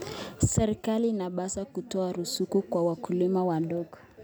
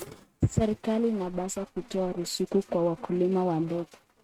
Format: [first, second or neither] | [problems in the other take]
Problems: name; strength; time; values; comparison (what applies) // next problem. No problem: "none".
first | noise reduction (neural mask model RNNoise)